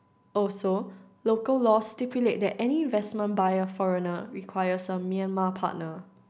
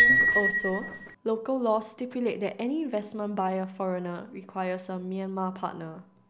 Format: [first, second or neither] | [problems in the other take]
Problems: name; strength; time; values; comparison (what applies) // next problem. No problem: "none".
first | background sound (Bicycle bell); as loud as the speech